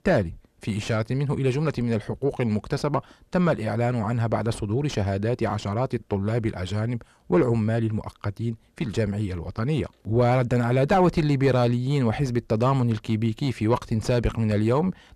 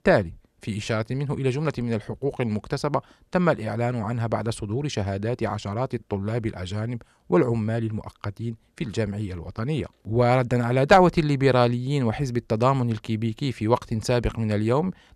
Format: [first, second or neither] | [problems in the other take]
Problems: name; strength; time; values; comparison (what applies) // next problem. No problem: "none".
second | distortion; slight; 10 dB below the speech